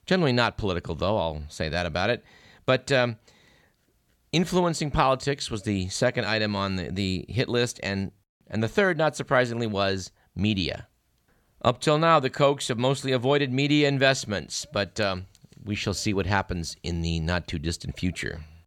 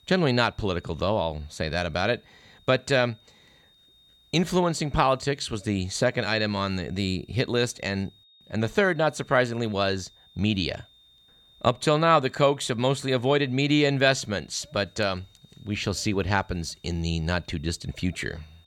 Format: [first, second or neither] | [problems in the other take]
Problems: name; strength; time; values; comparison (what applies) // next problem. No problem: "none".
first | high-pitched whine; faint; throughout; 3.5 kHz, 30 dB below the speech